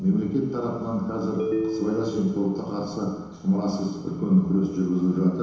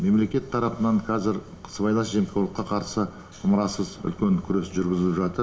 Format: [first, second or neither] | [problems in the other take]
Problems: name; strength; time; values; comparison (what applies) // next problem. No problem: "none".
second | background sound (Telephone); 6 dB below the speech // room echo; dies away in 1 s